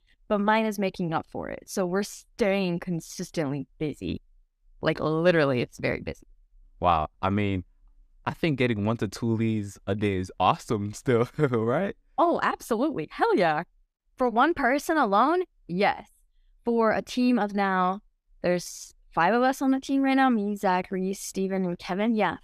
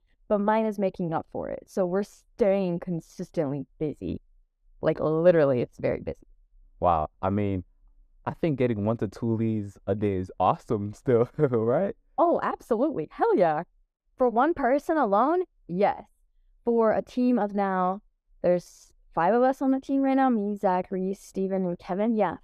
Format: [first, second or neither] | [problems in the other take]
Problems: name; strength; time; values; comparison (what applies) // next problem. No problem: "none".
first | muffled; slightly; fading above 1.5 kHz